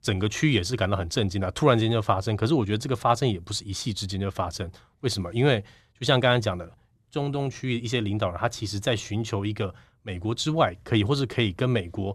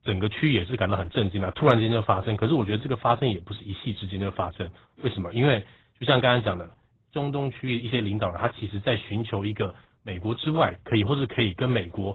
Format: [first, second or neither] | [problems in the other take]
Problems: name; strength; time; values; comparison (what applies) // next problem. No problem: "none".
first | garbled, watery; badly; nothing above 4 kHz